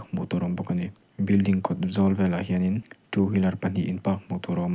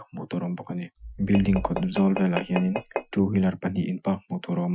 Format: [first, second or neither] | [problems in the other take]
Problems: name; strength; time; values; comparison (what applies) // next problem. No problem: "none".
first | noise reduction (classical method Wiener filter)